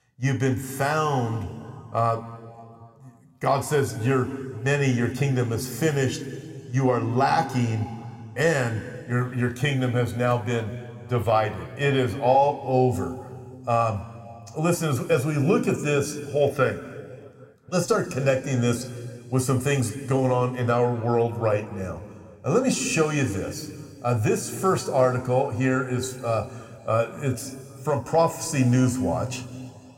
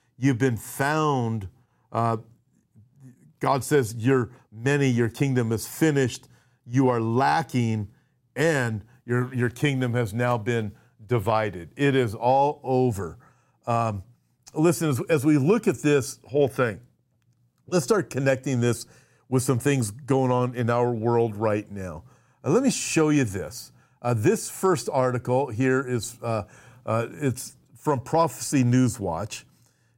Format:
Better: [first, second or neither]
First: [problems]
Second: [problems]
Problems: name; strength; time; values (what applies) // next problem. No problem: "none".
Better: second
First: room echo; slight; dies away in 2 s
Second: none